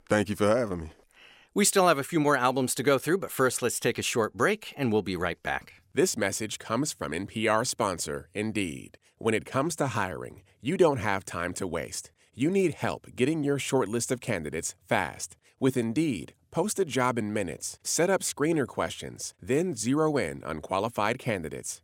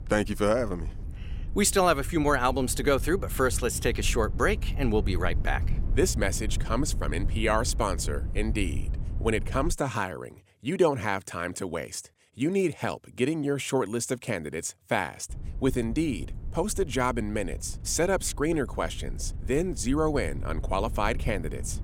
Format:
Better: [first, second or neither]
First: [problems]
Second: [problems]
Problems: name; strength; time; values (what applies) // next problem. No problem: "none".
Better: first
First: none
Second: low rumble; faint; until 9.5 s and from 15 s on; 20 dB below the speech